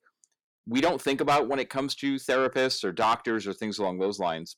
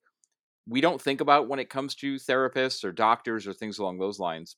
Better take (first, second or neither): second